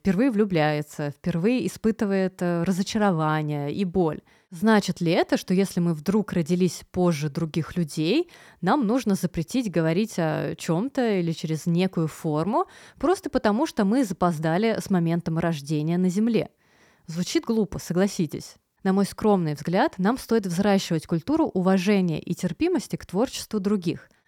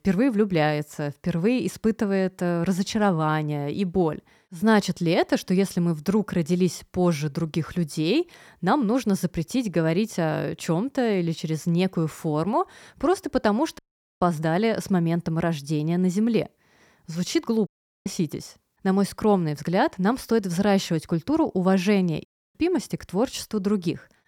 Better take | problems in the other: first | audio cutting out; at 14 s, at 18 s and at 22 s

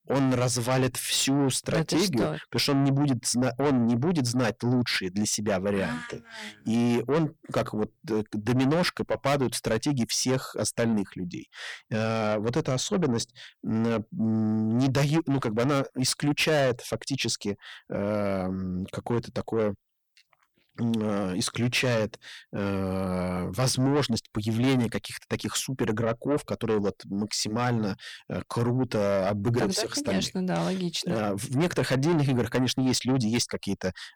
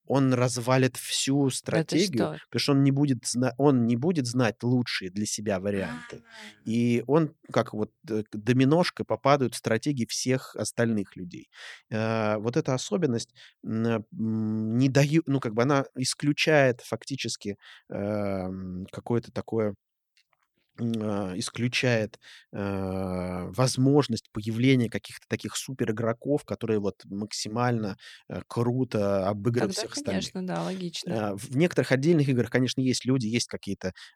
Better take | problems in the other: second | distortion; heavy; 7 dB below the speech

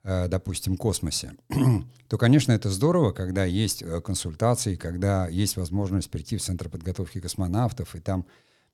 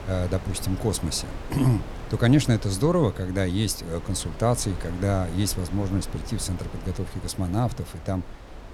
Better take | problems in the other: first | wind noise on the microphone; occasional gusts; 10 dB below the speech

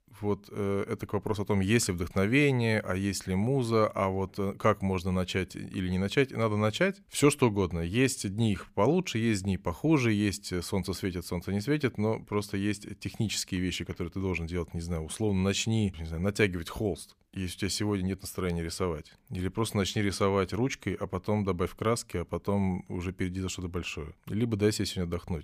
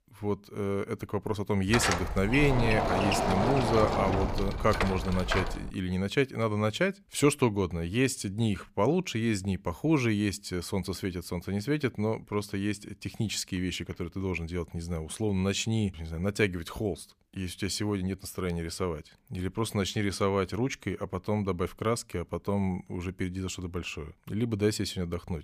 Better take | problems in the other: first | door banging; loud; from 1.5 to 5.5 s; peak 3 dB above the speech

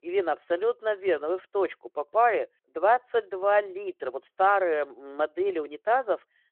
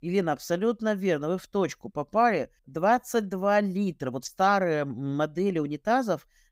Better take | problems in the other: second | phone-call audio

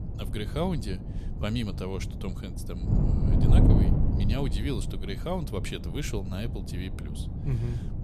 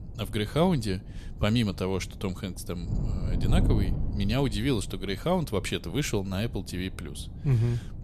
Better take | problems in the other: second | wind noise on the microphone; heavy; 2 dB below the speech; occasional gusts in the second

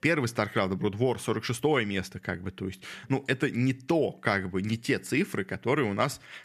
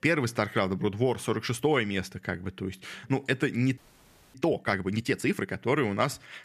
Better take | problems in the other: first | audio freezing; at 4 s for 0.5 s

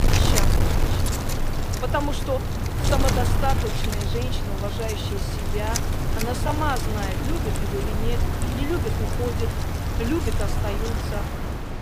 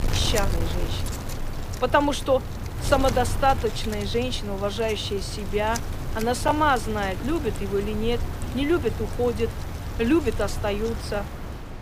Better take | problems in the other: second | wind noise on the microphone; heavy; 1 dB below the speech; occasional gusts in the second

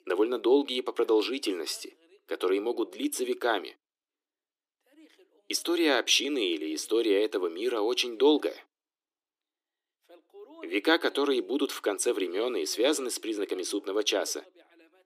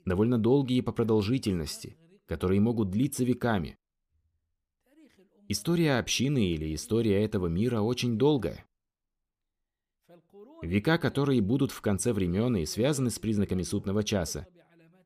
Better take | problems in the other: second | thin; somewhat; fading below 300 Hz

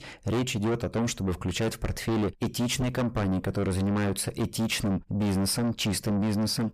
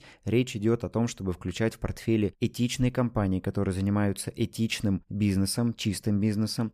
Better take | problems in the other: second | distortion; heavy; 5 dB below the speech

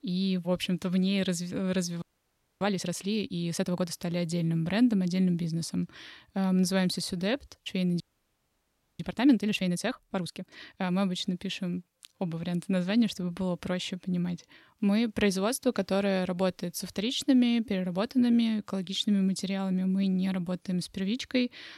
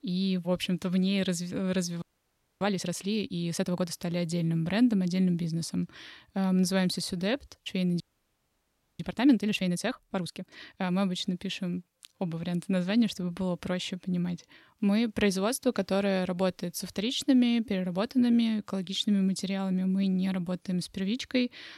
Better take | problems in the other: neither | audio freezing; at 2 s for 0.5 s and at 8 s for 1 s; the same in both

